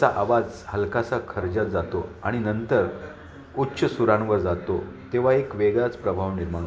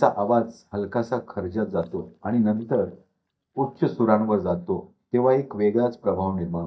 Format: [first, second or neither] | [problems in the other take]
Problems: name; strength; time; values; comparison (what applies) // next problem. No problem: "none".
first | noise reduction (neural mask model DeepFilterNet 3)